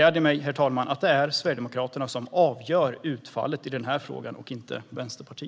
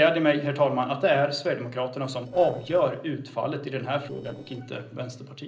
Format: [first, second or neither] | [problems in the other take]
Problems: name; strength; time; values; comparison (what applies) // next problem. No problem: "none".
first | noise reduction (neural separator model SepFormer DNS4)